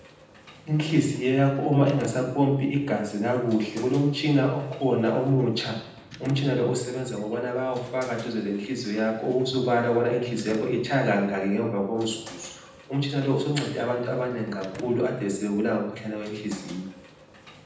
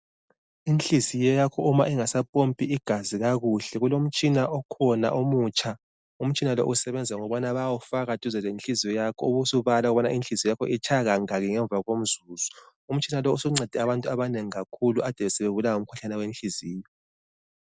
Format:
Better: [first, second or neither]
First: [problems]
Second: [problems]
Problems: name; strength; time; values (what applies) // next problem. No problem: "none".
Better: second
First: background sound (Sliding door / Slam); 19 dB below the speech // room echo; dies away in 0.8 s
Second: none